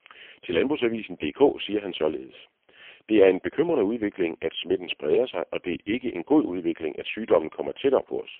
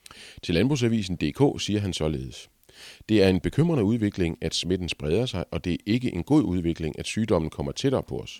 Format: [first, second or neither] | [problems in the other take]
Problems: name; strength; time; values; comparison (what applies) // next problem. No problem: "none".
second | phone-call audio; poor line; nothing above 3.5 kHz